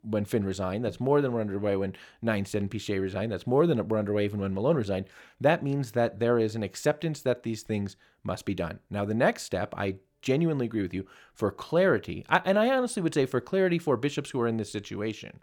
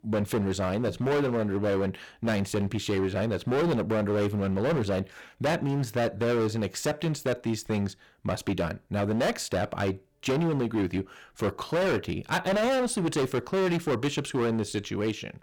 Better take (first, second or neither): first